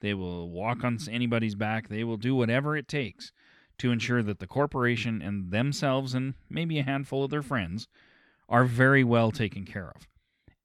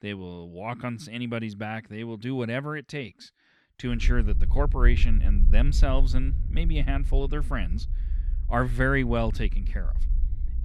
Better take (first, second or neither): first